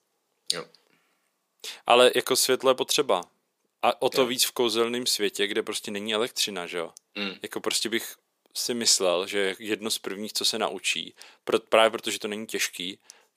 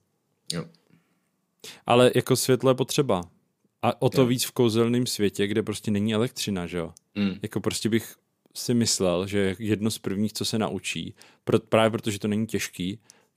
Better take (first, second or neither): second